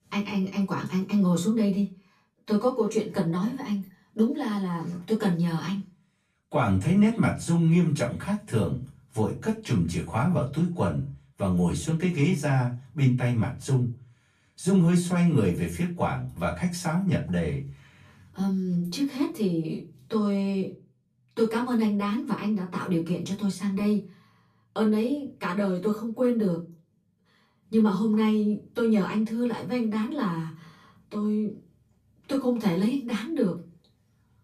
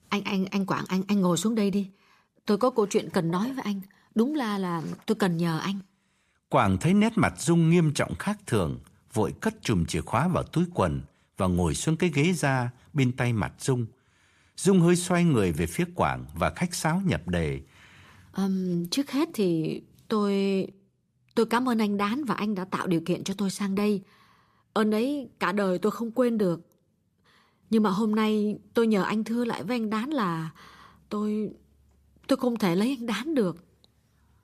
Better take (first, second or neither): second